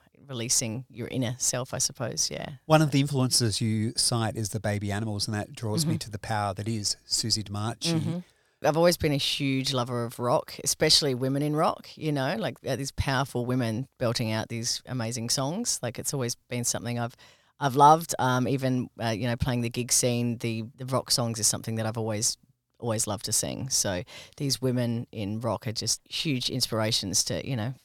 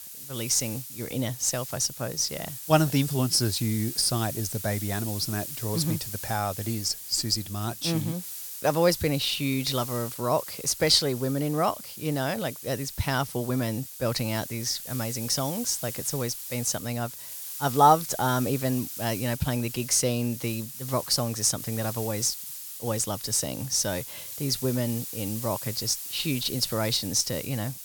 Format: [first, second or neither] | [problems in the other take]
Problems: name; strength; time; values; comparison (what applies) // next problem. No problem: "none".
first | hiss; loud; throughout; 8 dB below the speech